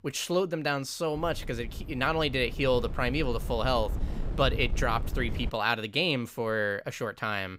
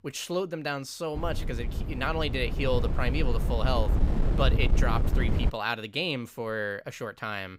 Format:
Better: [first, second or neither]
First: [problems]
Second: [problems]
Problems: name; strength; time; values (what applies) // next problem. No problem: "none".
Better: first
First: wind noise on the microphone; occasional gusts; from 1 to 5.5 s; 20 dB below the speech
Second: wind noise on the microphone; heavy; from 1 to 5.5 s; 9 dB below the speech